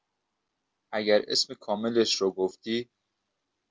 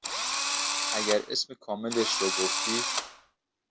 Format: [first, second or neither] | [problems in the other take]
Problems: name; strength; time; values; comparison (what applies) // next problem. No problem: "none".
first | background sound (Engine / Drill); 3 dB above the speech